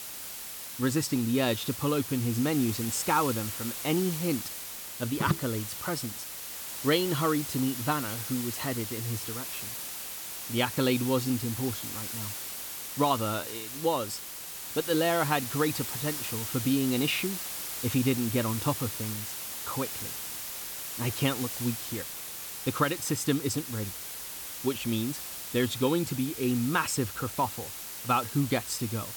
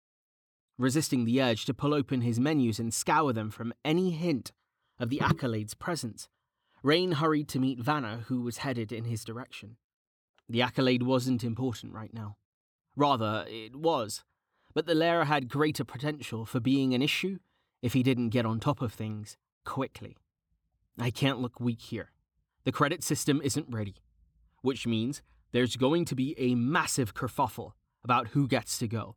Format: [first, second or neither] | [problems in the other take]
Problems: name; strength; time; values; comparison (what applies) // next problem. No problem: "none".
second | hiss; loud; throughout; 5 dB below the speech